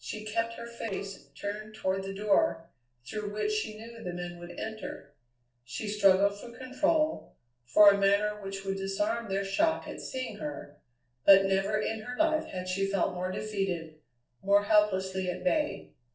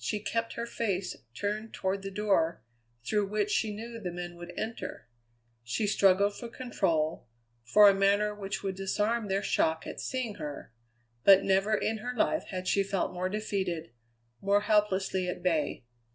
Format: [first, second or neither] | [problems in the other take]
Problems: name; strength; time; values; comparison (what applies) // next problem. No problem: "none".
second | noise reduction (neural separator model SepFormer DNS4)